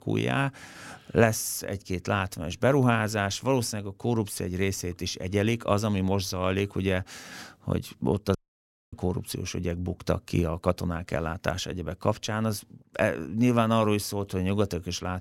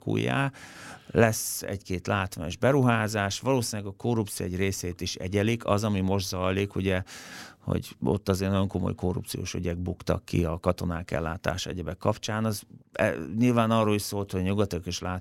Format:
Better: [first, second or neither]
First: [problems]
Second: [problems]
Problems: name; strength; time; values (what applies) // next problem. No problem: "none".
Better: second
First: audio cutting out; at 8.5 s for 0.5 s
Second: none